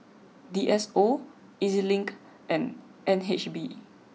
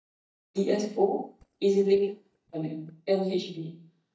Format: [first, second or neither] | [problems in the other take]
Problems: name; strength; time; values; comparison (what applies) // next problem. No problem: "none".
first | noise reduction (neural mask model DeepFilterNet 3)